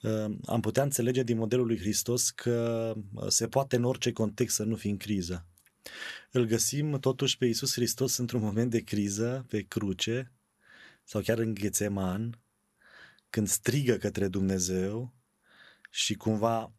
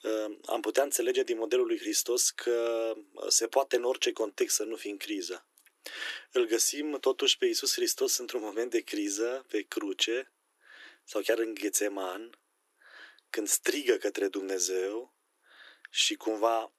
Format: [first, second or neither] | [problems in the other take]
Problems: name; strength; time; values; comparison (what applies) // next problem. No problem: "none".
first | thin; very; fading below 300 Hz